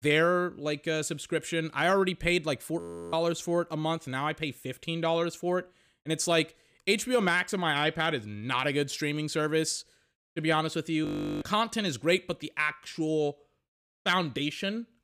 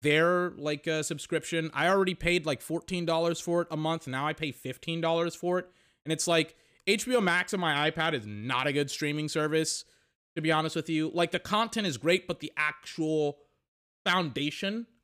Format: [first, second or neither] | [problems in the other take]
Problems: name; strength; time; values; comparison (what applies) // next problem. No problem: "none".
second | audio freezing; at 3 s and at 11 s